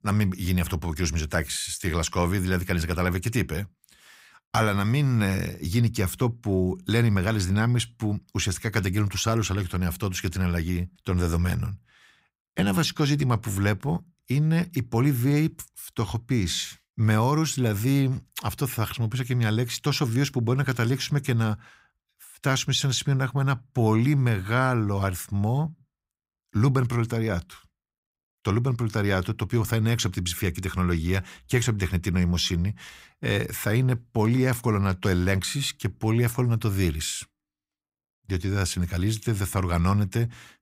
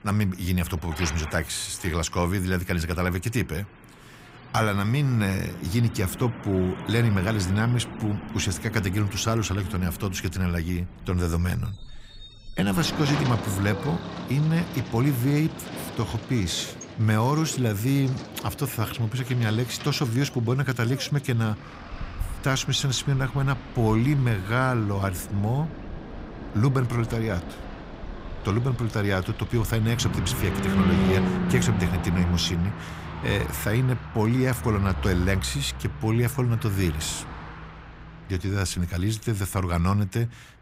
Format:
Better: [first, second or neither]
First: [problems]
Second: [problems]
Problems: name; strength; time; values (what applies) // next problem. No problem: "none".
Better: first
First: none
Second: traffic noise; loud; throughout; 9 dB below the speech